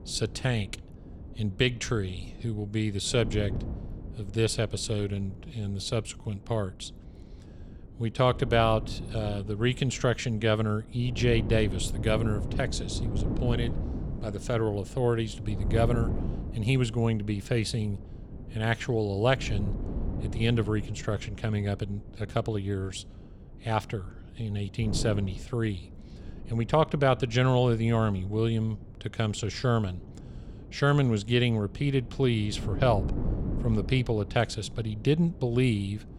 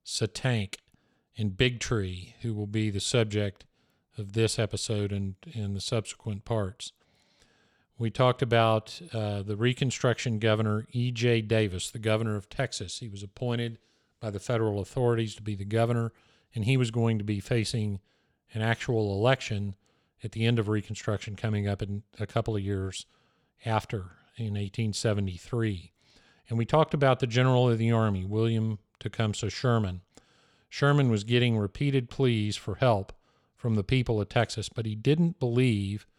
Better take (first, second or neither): second